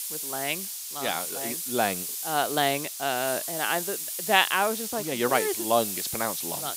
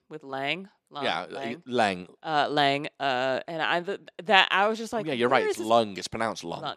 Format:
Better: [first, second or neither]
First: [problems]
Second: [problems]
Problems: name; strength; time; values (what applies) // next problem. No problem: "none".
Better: second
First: hiss; loud; throughout; 3 dB below the speech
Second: none